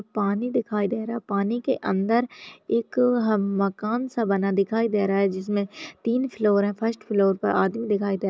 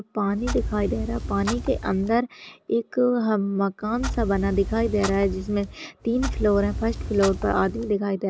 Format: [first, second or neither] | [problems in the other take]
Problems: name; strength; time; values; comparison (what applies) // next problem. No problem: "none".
first | background sound (Clock); 7 dB below the speech